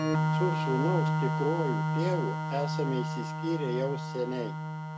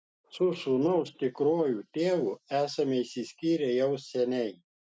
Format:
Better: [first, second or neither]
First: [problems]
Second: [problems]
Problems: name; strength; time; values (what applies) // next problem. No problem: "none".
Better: second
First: background sound (Organ); 3 dB above the speech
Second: none